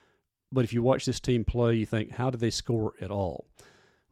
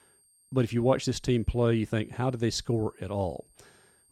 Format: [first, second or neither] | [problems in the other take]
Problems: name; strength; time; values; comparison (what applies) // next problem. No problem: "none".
first | high-pitched whine; faint; throughout; 8.5 kHz, 35 dB below the speech